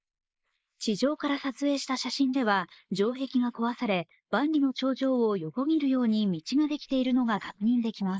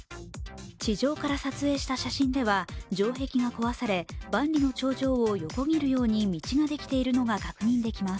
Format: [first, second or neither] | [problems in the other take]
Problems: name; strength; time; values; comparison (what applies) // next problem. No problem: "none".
second | noise reduction (neural mask model Resemble Enhance denoiser)